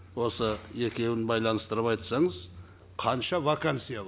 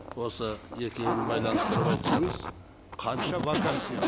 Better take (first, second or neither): first